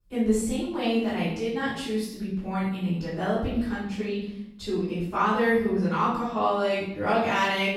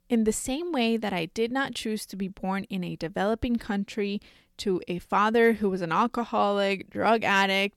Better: second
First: off-mic speech; far // room echo; noticeable; dies away in 0.7 s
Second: none

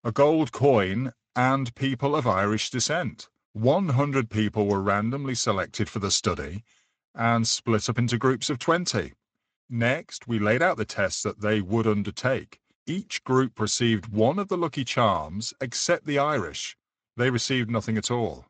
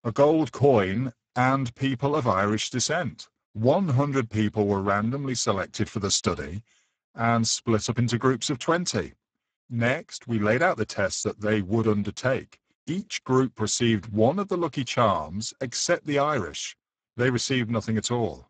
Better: first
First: garbled, watery; slightly; nothing above 7.5 kHz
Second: garbled, watery; badly; nothing above 7.5 kHz

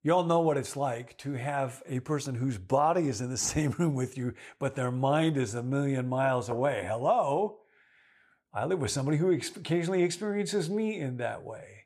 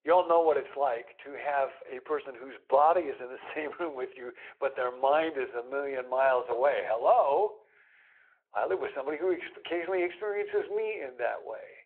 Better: first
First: none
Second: phone-call audio

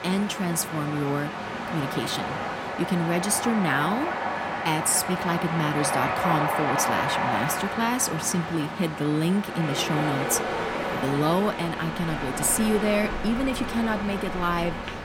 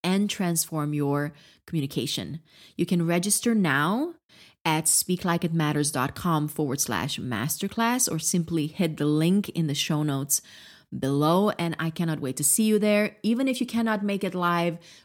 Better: second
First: train or aircraft noise; loud; throughout; 3 dB below the speech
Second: none

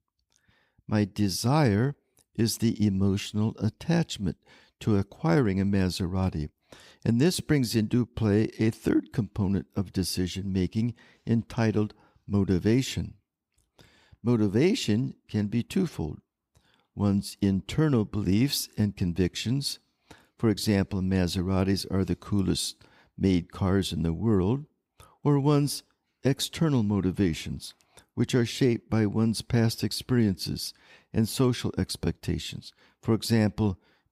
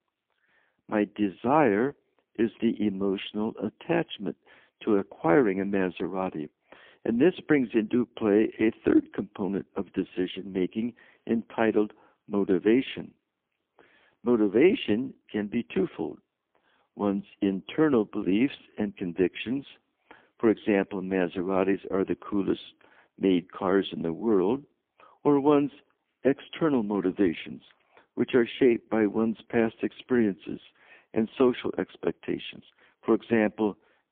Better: first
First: none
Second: phone-call audio; poor line; nothing above 3.5 kHz

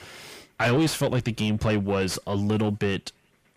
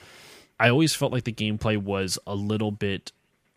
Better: second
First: distortion; heavy; 8 dB below the speech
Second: none

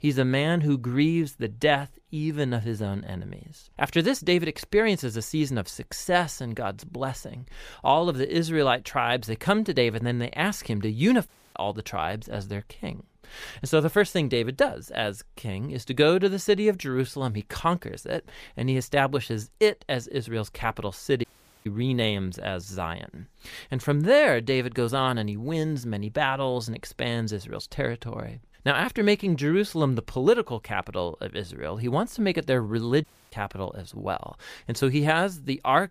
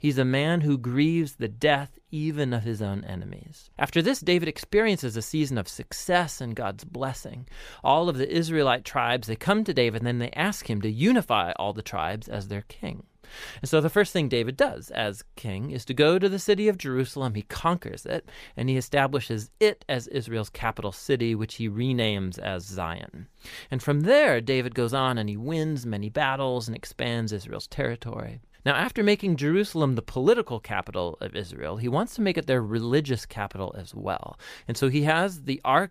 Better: second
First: audio cutting out; at 11 s, at 21 s and at 33 s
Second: none

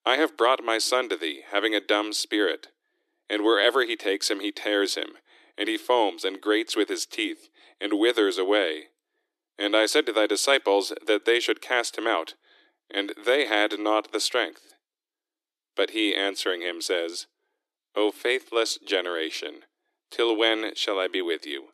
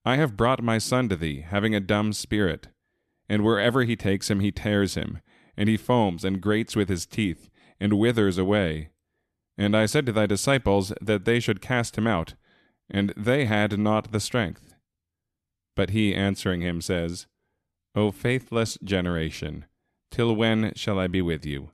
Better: second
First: thin; very; fading below 300 Hz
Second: none

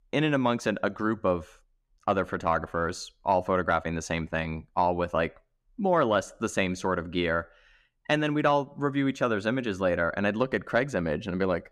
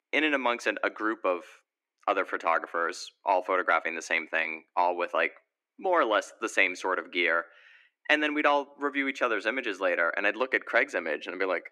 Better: first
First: none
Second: thin; somewhat; fading below 300 Hz

